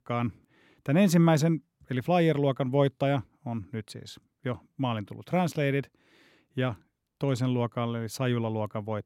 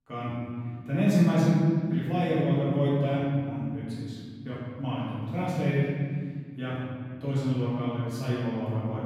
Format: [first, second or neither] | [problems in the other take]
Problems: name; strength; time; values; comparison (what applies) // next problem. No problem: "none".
first | room echo; strong; dies away in 2.4 s // off-mic speech; far